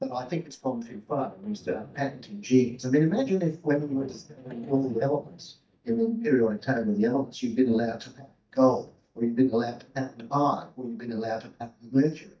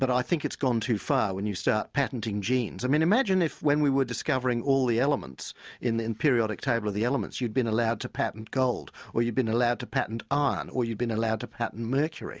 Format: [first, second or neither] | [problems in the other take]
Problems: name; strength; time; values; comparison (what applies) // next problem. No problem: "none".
second | noise reduction (neural mask model DeepFilterNet 3)